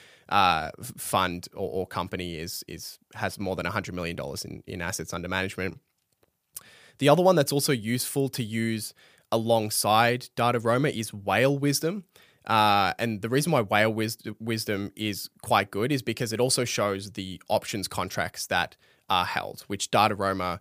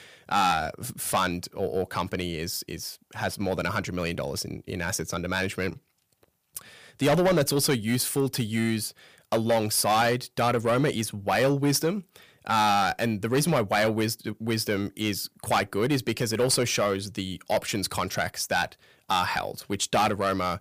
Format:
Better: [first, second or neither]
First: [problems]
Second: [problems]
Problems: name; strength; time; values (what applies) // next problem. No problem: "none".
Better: first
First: none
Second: distortion; heavy; 8 dB below the speech